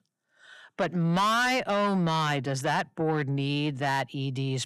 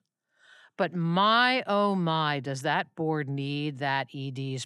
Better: second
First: distortion; heavy; 7 dB below the speech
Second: none

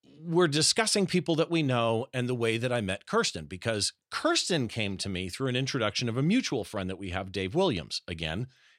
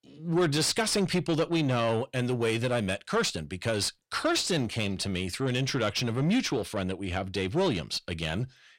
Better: first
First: none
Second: distortion; slight; 10 dB below the speech

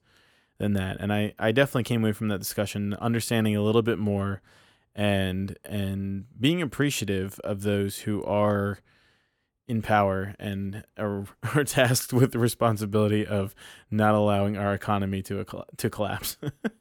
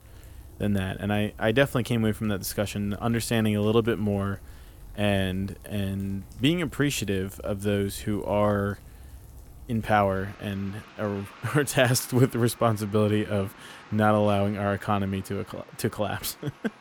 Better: first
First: none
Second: rain or running water; faint; throughout; 20 dB below the speech

